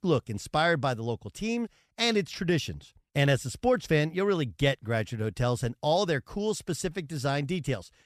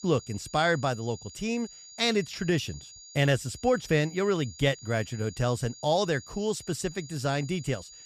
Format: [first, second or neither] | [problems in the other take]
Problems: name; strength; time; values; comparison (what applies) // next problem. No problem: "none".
first | high-pitched whine; noticeable; throughout; 7 kHz, 15 dB below the speech